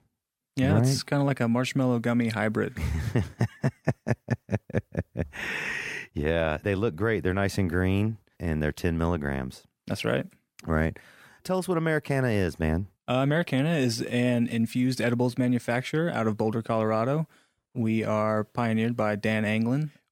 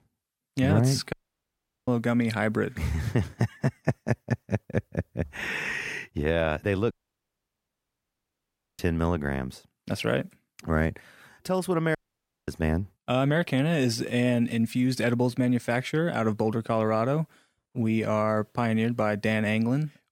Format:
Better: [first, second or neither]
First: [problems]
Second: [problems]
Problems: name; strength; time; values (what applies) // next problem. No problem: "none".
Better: first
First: none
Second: audio cutting out; at 1 s for 0.5 s, at 7 s for 2 s and at 12 s for 0.5 s